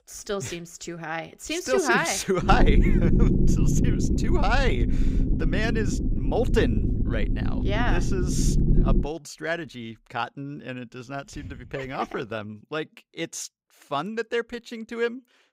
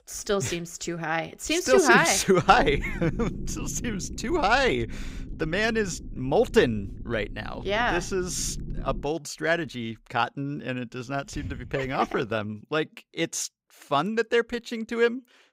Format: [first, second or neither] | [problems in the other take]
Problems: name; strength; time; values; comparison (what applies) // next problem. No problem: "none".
second | low rumble; loud; from 2.5 to 9 s; 5 dB below the speech; faint in the second